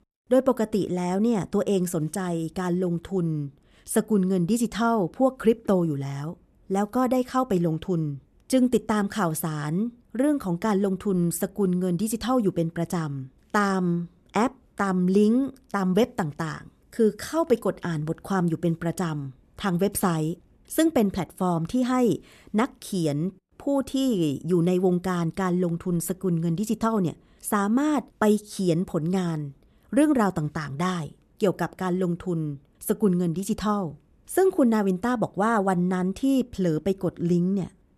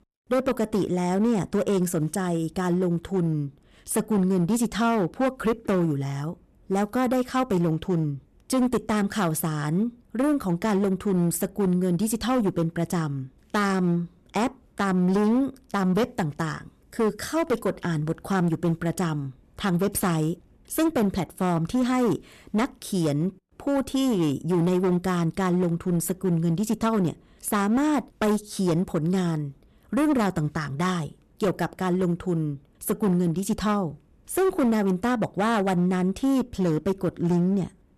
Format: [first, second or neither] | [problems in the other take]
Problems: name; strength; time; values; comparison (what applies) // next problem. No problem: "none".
first | distortion; slight; 12% of the sound clipped